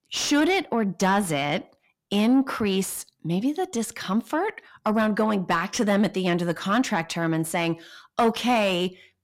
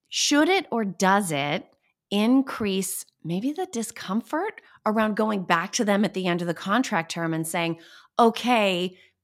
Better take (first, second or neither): second